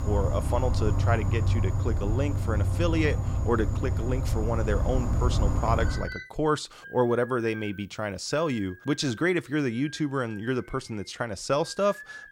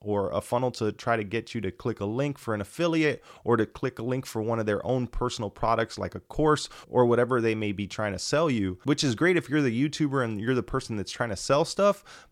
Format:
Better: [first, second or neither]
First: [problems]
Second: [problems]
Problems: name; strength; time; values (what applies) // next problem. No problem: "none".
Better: second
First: animal sounds; very loud; throughout; 1 dB above the speech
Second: none